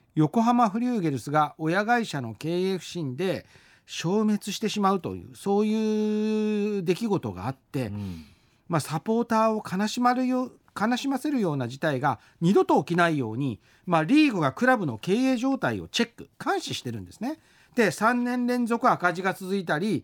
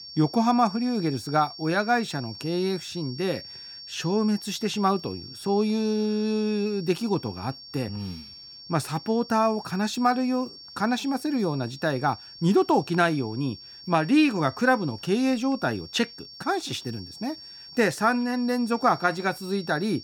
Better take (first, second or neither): first